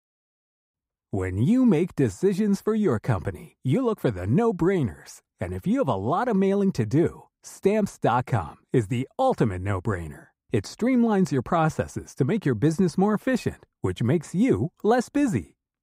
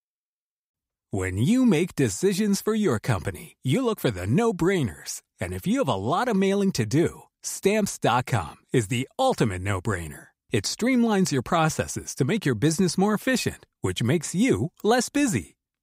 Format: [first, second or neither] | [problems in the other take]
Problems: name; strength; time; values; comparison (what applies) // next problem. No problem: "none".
second | muffled; slightly; fading above 2 kHz